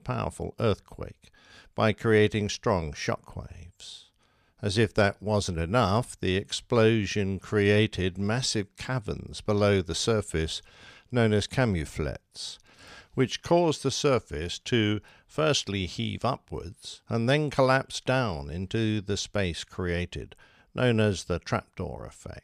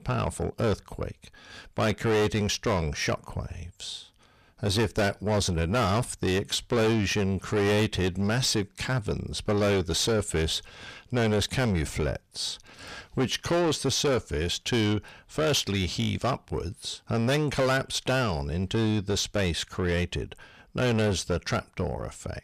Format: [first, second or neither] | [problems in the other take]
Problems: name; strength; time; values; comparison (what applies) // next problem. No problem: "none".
first | distortion; heavy; 6 dB below the speech